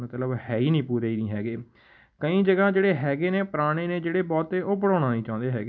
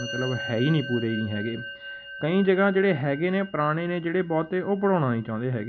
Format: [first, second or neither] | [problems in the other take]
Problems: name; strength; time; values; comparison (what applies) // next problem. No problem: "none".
first | background sound (Musical instrument); 14 dB below the speech